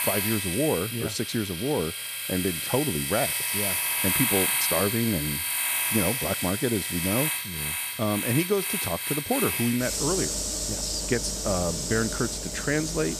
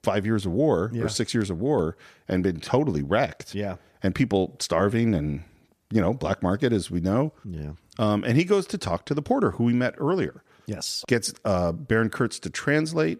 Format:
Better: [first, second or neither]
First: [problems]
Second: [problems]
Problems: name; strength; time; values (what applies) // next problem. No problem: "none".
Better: second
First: household noises; very loud; throughout; 2 dB above the speech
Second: none